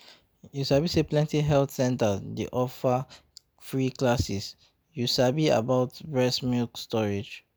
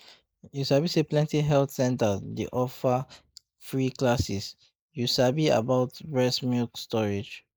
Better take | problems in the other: first | noise reduction (neural mask model Resemble Enhance denoiser)

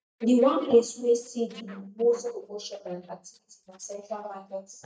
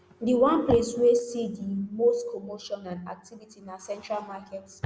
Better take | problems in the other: second | noise reduction (neural mask model DeepFilterNet 3)

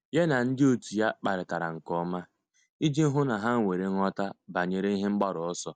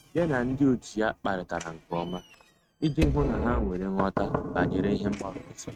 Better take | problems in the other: first | noise reduction (neural mask model RNNoise)

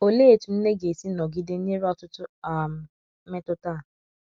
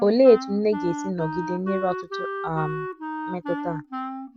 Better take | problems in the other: first | background sound (Wind instrument, woodwind instrument); 8 dB below the speech

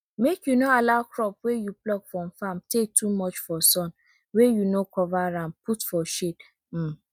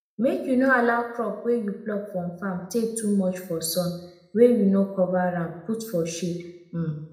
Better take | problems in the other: first | room echo; dies away in 0.8 s

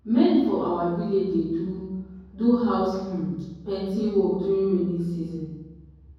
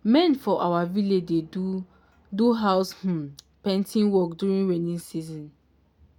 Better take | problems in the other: second | room echo; dies away in 1.3 s

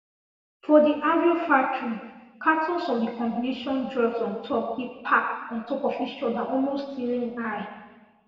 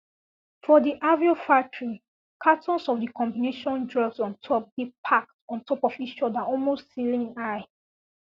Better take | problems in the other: second | room echo; dies away in 1.2 s

